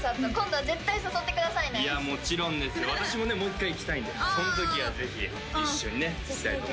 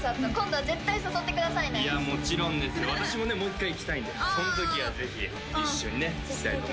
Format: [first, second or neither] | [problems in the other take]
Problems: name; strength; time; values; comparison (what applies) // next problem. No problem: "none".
first | background sound (Bowed string instrument); 9 dB below the speech